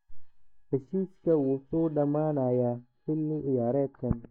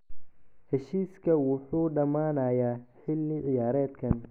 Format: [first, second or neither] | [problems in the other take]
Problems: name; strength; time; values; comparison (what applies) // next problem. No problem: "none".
second | noise reduction (neural mask model DeepFilterNet 3)